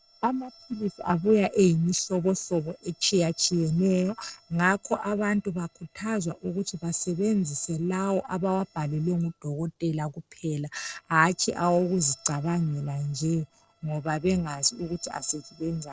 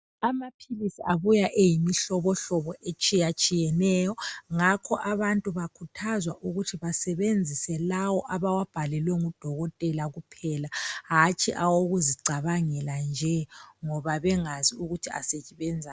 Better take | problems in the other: second | noise reduction (neural separator model SepFormer DNS4)

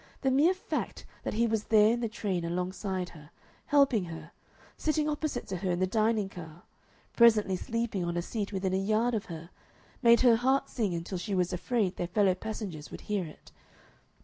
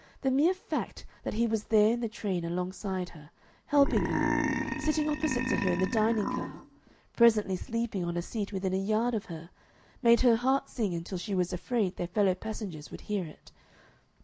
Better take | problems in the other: first | background sound (Burping, eructation); 2 dB below the speech

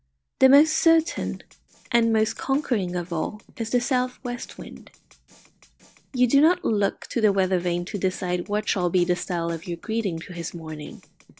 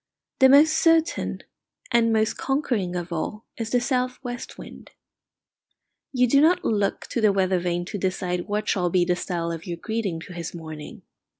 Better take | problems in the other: second | noise reduction (neural separator model SepFormer DNS4)

